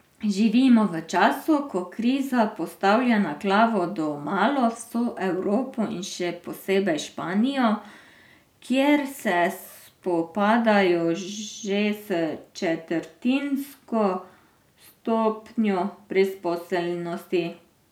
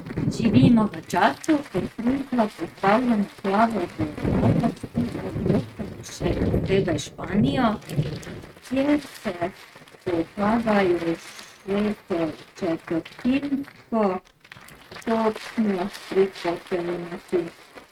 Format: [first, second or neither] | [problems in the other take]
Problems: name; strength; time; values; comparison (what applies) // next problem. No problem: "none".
first | noise reduction (neural mask model RNNoise)